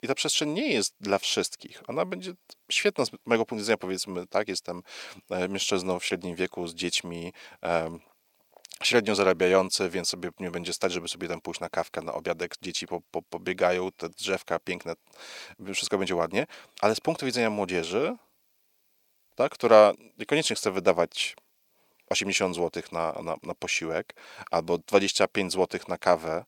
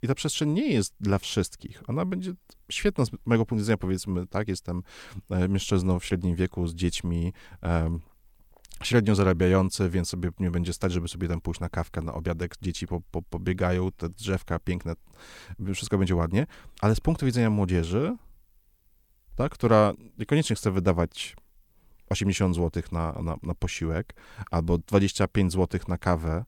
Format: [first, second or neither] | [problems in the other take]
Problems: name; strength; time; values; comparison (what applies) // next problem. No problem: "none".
second | thin; somewhat; fading below 350 Hz